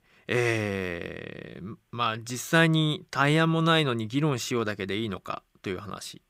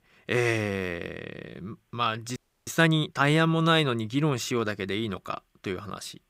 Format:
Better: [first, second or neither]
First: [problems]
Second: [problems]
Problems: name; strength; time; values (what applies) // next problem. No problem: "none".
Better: first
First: none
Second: audio freezing; at 2.5 s